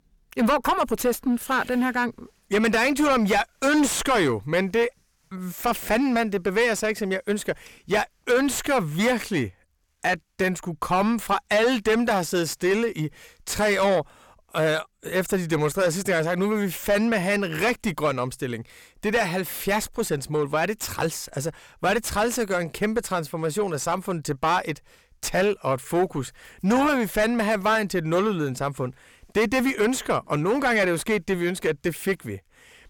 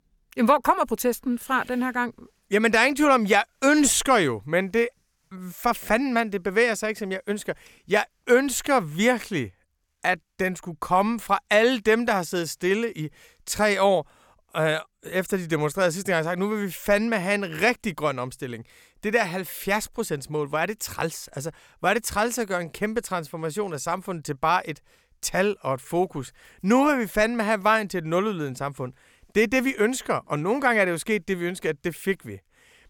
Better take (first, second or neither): second